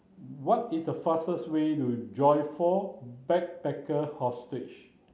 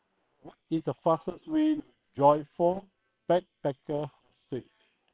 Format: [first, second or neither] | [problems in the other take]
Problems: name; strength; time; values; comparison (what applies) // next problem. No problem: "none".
first | noise reduction (neural separator model SepFormer WHAM!)